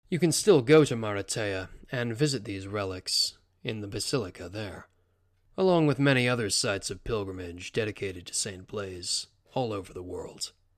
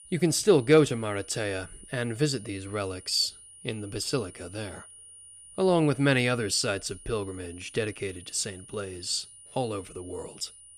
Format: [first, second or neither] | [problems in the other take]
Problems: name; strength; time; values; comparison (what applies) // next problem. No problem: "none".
first | high-pitched whine; noticeable; throughout; 9.5 kHz, 20 dB below the speech